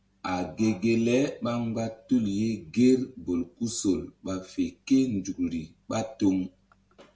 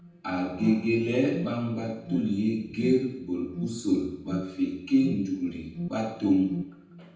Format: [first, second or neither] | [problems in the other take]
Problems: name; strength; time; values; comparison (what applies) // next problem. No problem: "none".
first | background sound (Alarm); 11 dB below the speech // room echo; dies away in 0.8 s